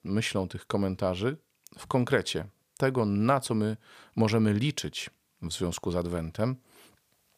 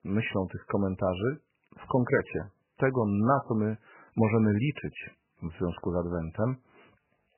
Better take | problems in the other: first | garbled, watery; badly; nothing above 3 kHz

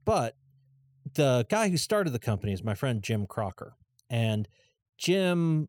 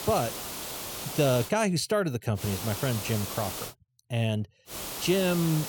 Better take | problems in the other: first | hiss; loud; until 1.5 s, from 2.5 to 3.5 s and at 4.5 s; 7 dB below the speech

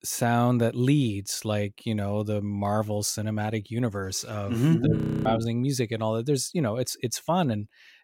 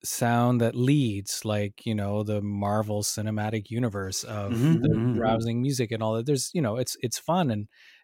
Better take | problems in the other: second | audio freezing; at 5 s

